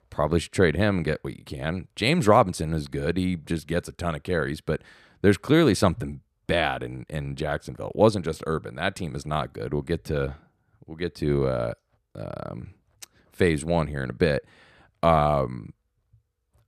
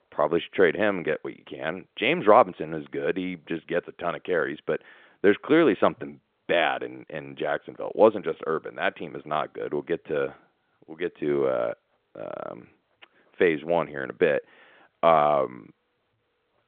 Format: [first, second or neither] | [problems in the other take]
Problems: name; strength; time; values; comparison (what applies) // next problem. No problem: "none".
first | phone-call audio; nothing above 3.5 kHz